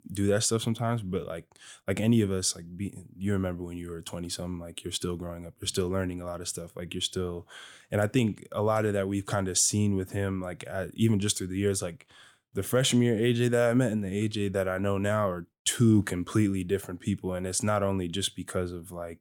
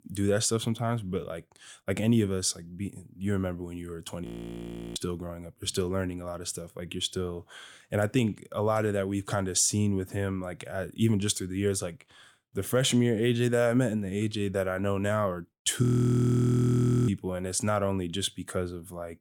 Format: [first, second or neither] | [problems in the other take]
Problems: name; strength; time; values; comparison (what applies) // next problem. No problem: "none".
first | audio freezing; at 4.5 s for 0.5 s and at 16 s for 1 s